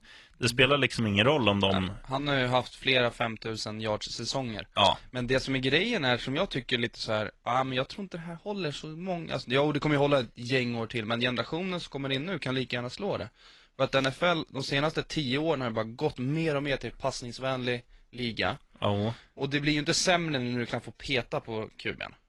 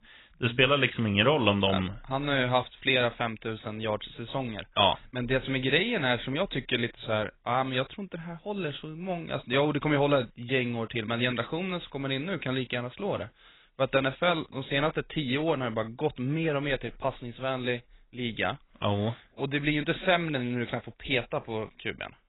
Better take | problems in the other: first | garbled, watery; badly; nothing above 4 kHz; slightly in the first

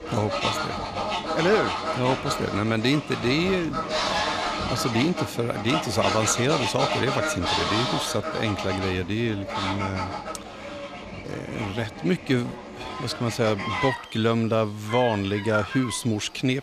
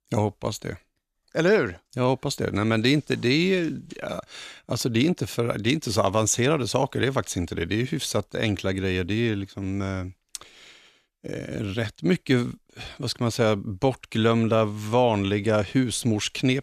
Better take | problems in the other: second | animal sounds; loud; throughout; 3 dB below the speech

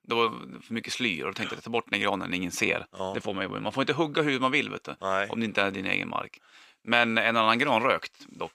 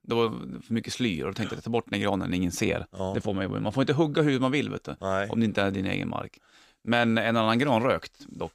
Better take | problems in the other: second | thin; very slightly; fading below 300 Hz

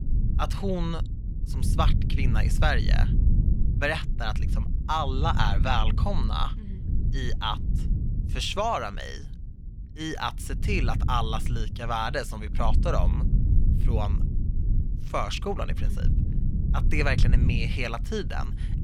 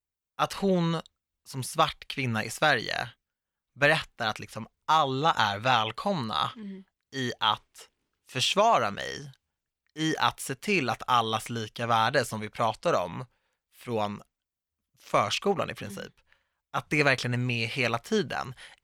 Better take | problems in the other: second | low rumble; noticeable; throughout; 10 dB below the speech

